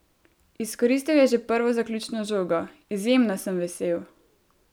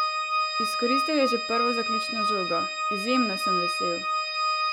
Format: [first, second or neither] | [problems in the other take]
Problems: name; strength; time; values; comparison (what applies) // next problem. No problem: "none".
first | background sound (Organ); 4 dB above the speech